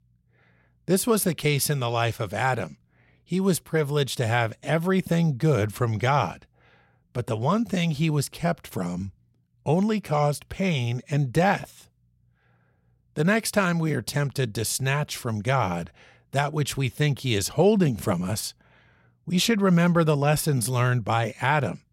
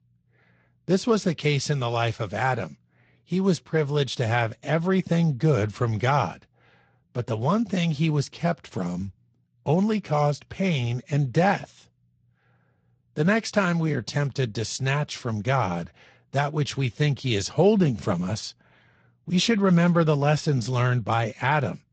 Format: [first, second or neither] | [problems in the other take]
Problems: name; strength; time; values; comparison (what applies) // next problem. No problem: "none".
first | garbled, watery; slightly; nothing above 8 kHz